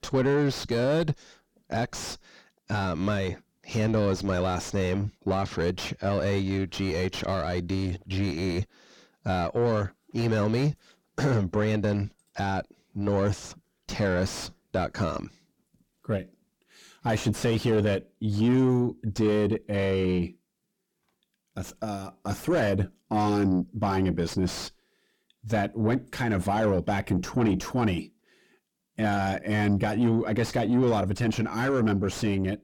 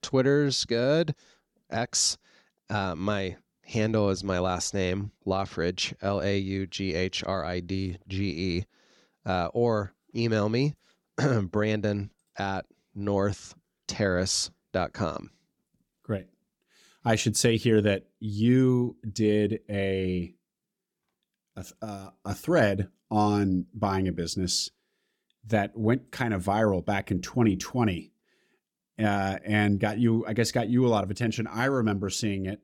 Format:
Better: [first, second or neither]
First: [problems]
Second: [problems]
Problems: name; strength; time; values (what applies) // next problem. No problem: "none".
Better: second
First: distortion; heavy; 5 dB below the speech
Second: none